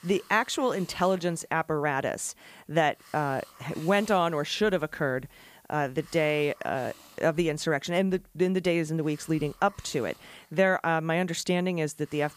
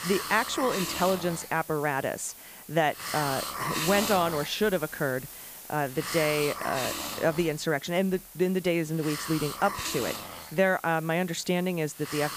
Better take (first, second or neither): first